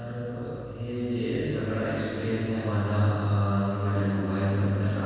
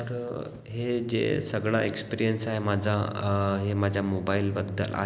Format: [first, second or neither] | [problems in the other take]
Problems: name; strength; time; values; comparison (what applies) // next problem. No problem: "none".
second | room echo; dies away in 2.1 s